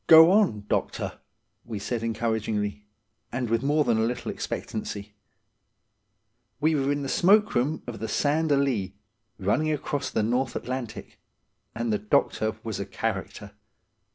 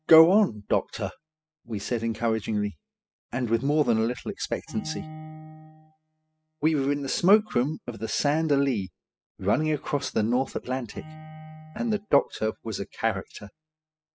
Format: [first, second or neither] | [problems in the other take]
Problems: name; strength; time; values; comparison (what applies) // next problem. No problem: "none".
first | noise reduction (classical method spectral subtraction)